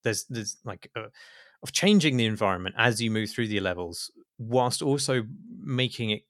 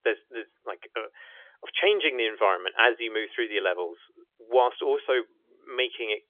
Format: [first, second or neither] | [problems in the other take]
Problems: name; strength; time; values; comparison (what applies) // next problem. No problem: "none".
first | phone-call audio; nothing above 3.5 kHz